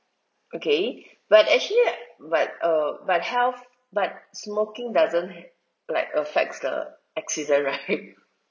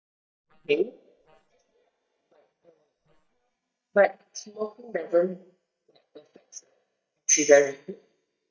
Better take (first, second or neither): first